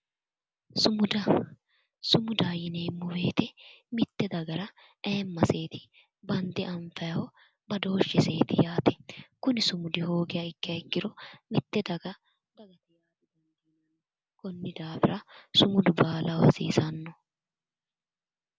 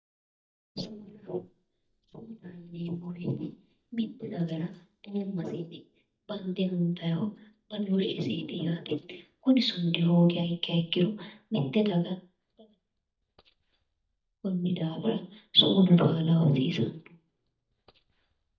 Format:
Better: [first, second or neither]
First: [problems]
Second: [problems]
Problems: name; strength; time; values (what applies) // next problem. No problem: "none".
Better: first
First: none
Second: noise reduction (neural mask model DeepFilterNet 3)